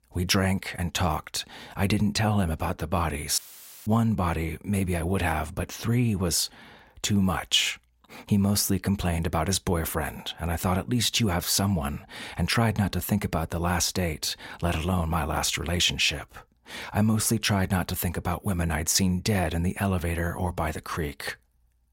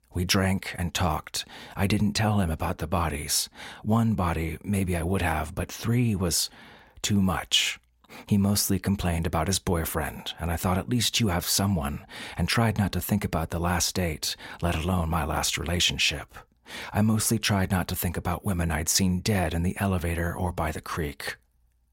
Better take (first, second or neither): second